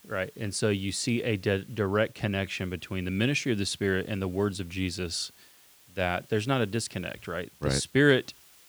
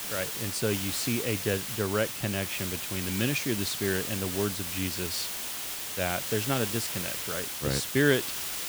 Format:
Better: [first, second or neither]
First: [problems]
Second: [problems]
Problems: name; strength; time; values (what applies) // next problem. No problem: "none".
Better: first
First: hiss; faint; throughout; 25 dB below the speech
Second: hiss; loud; throughout; 1 dB below the speech